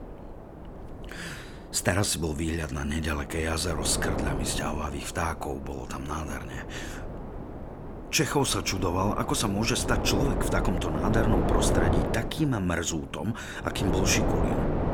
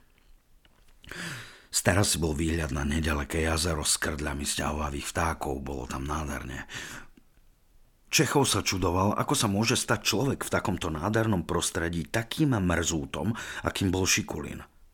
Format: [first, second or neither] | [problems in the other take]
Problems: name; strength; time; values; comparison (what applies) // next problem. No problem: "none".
second | wind noise on the microphone; heavy; 4 dB below the speech